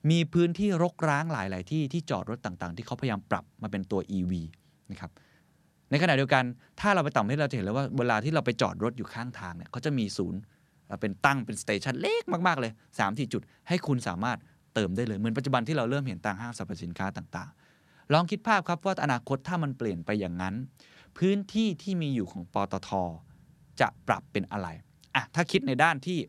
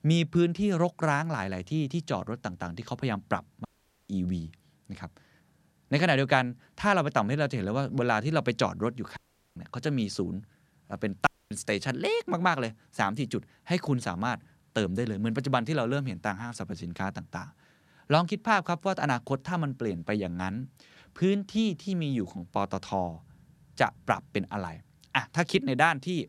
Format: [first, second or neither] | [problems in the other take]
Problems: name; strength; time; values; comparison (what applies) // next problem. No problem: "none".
first | audio cutting out; at 3.5 s, at 9 s and at 11 s